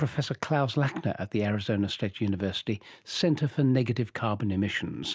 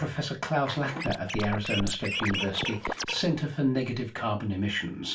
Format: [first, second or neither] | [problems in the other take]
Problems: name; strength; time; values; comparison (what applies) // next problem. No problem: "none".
first | background sound (Scratching (performance technique)); 4 dB below the speech // room echo; dies away in 0.3 s